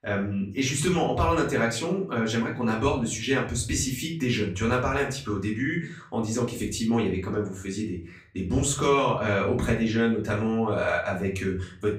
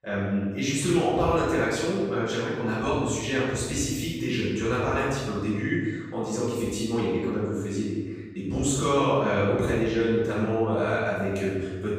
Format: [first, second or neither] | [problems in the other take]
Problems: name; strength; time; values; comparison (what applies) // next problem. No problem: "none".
first | room echo; strong; dies away in 1.3 s; slight in the first // off-mic speech; far; far in the first